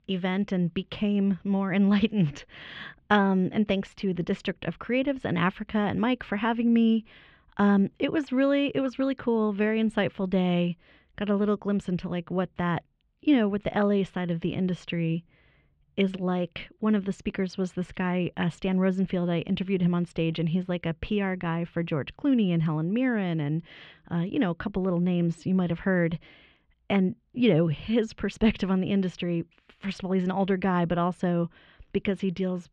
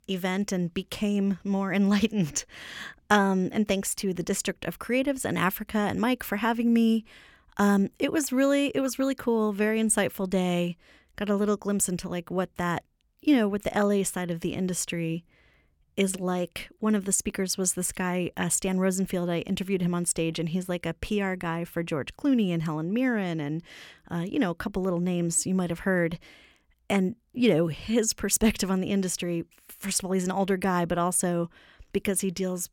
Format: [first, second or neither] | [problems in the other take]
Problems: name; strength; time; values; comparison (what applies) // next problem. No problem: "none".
second | muffled; very; fading above 3.5 kHz